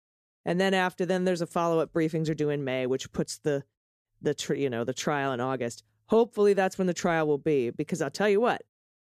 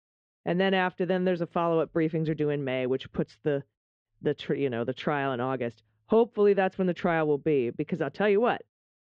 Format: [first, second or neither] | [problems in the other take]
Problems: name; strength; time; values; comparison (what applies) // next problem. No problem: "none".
first | muffled; very; fading above 3 kHz